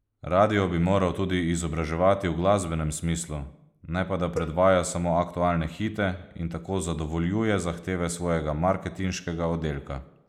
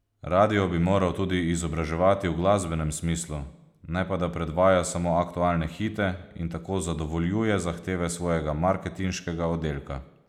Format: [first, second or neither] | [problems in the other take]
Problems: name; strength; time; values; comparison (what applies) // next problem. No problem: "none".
second | noise reduction (neural mask model Resemble Enhance denoiser)